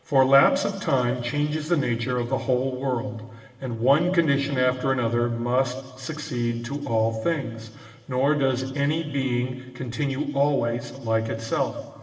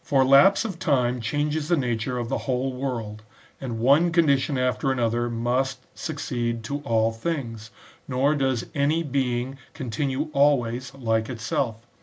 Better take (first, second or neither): second